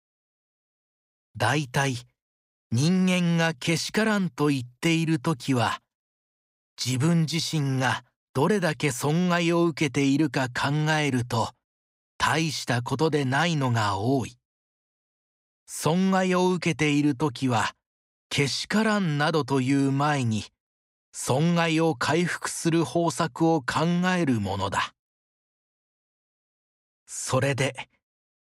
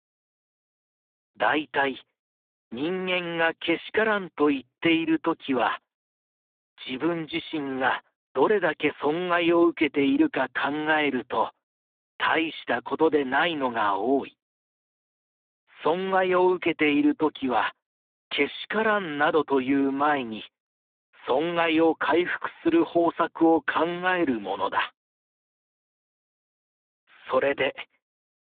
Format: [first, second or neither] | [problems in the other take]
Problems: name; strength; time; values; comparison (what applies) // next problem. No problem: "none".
first | phone-call audio; poor line